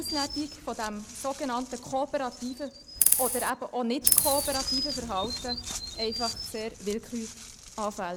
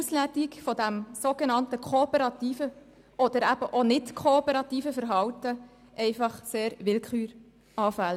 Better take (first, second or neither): second